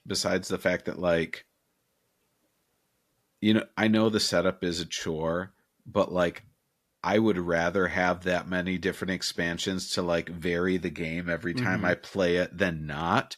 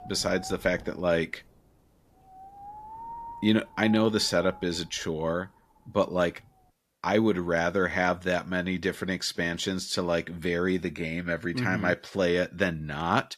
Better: first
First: none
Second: wind noise on the microphone; occasional gusts; until 6.5 s; 15 dB below the speech

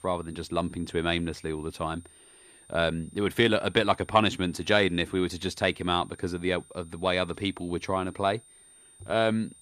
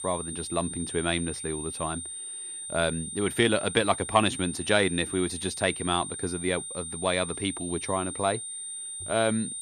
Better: first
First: high-pitched whine; faint; throughout; 9 kHz, 25 dB below the speech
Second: high-pitched whine; loud; throughout; 9 kHz, 6 dB below the speech

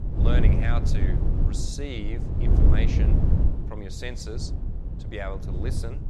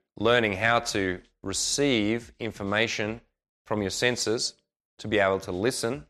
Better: second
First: wind noise on the microphone; heavy; 1 dB below the speech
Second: none

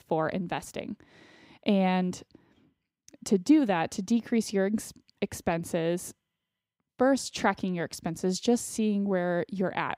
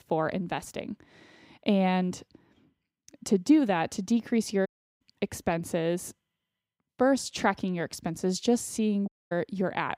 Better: first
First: none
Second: audio cutting out; at 4.5 s and at 9 s

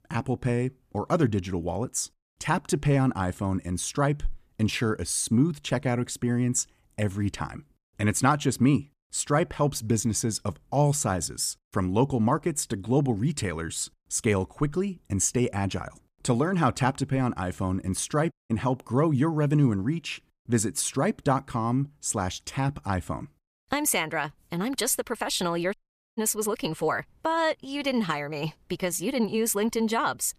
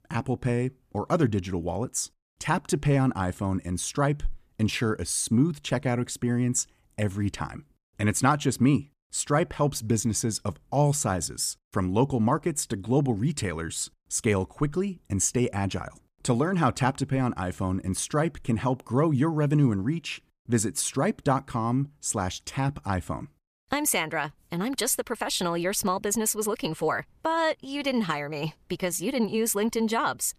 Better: second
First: audio cutting out; at 18 s and at 26 s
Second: none

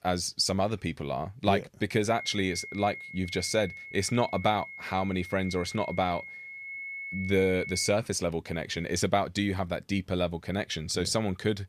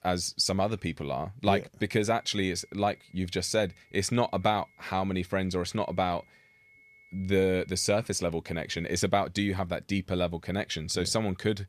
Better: second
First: high-pitched whine; loud; from 2 to 8 s; 2 kHz, 10 dB below the speech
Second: high-pitched whine; faint; from 2 to 8 s; 2 kHz, 30 dB below the speech

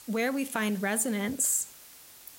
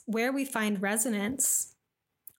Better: second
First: hiss; noticeable; throughout; 20 dB below the speech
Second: none

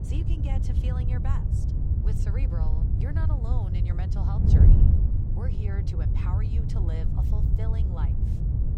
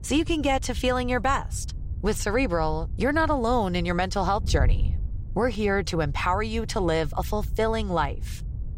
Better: second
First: wind noise on the microphone; heavy; 4 dB above the speech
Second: wind noise on the microphone; occasional gusts; 25 dB below the speech

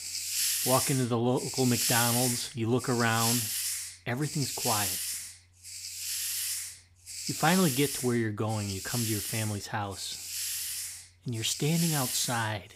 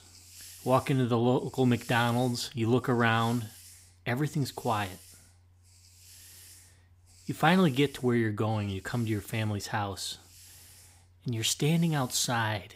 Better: second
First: hiss; loud; throughout; 1 dB below the speech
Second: hiss; faint; throughout; 20 dB below the speech

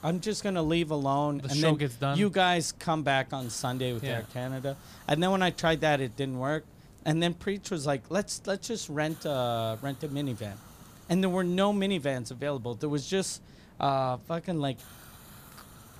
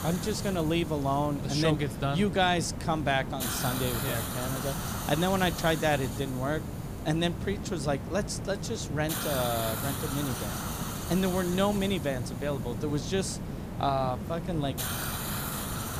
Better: first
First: hiss; faint; throughout; 20 dB below the speech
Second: hiss; loud; throughout; 4 dB below the speech

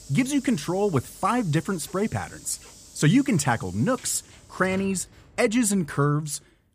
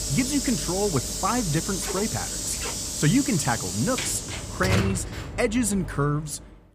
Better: first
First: hiss; faint; throughout; 20 dB below the speech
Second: hiss; loud; throughout; 2 dB below the speech

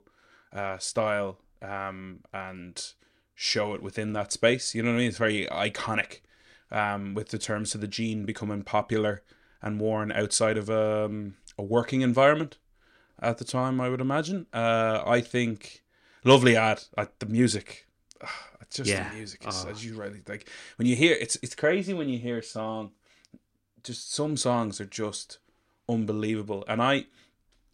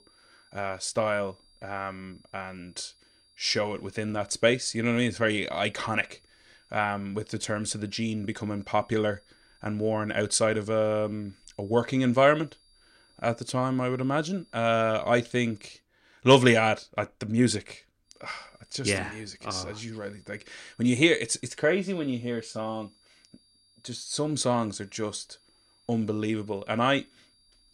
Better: first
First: none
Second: high-pitched whine; faint; until 16 s and from 18 s on; 4.5 kHz, 35 dB below the speech

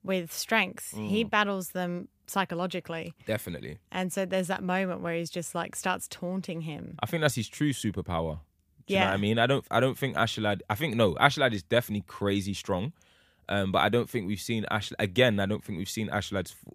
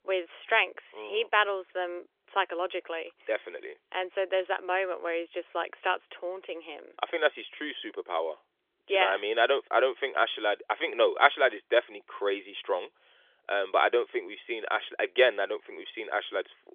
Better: first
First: none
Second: phone-call audio; nothing above 3.5 kHz

